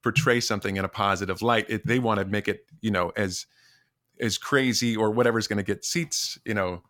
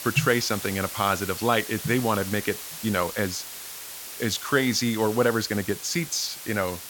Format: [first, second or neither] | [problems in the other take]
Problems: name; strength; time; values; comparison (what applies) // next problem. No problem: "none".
first | hiss; loud; throughout; 9 dB below the speech